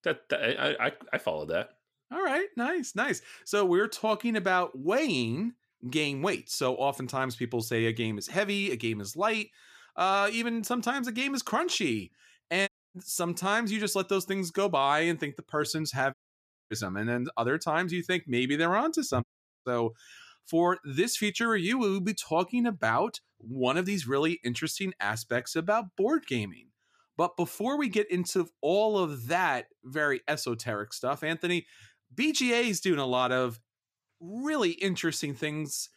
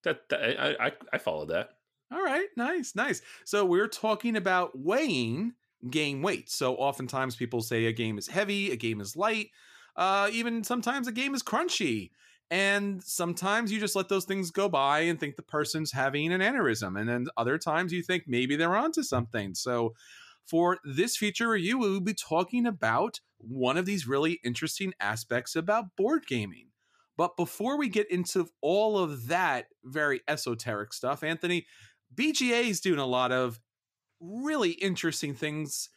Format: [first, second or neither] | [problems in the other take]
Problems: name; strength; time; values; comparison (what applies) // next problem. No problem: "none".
second | audio cutting out; at 13 s, at 16 s for 0.5 s and at 19 s